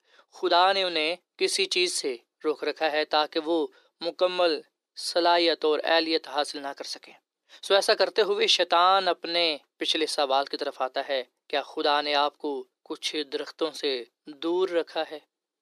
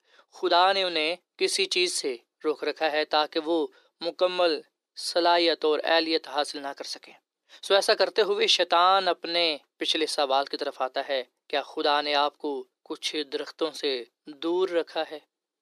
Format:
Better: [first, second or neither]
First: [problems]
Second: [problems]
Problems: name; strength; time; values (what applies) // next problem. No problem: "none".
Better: neither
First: thin; very; fading below 350 Hz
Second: thin; very; fading below 350 Hz